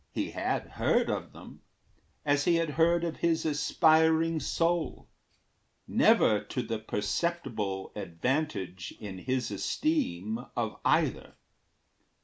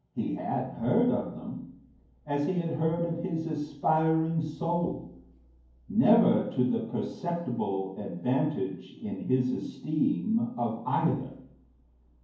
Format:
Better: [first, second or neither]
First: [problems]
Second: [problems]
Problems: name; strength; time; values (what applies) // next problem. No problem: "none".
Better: first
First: none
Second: room echo; dies away in 0.9 s